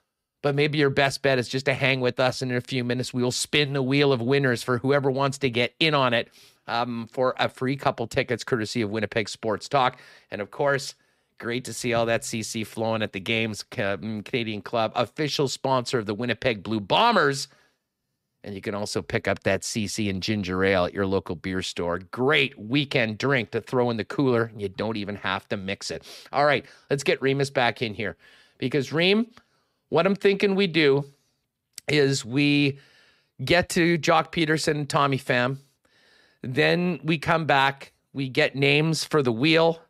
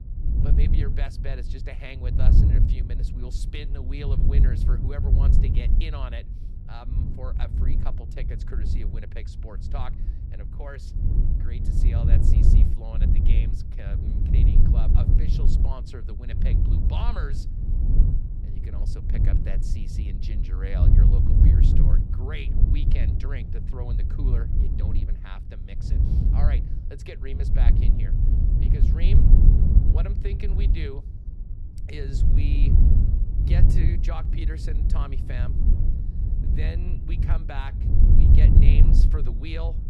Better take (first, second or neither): first